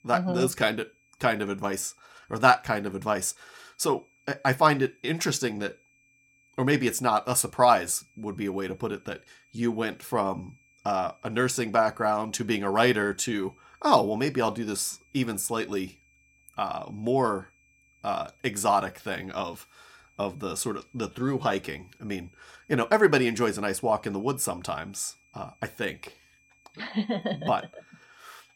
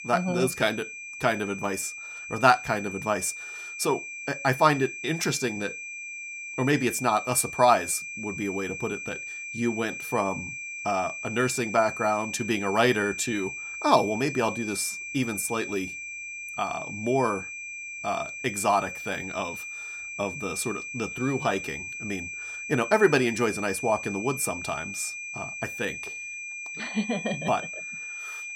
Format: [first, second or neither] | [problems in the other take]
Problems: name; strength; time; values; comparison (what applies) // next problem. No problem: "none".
first | high-pitched whine; loud; throughout; 2.5 kHz, 8 dB below the speech; faint in the first